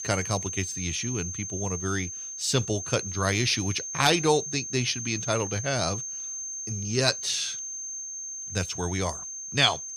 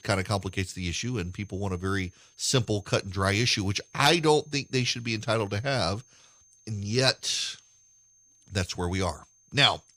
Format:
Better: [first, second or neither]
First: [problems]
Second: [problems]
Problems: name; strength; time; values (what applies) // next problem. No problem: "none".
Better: second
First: high-pitched whine; loud; throughout; 6.5 kHz, 5 dB below the speech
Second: high-pitched whine; faint; throughout; 6.5 kHz, 30 dB below the speech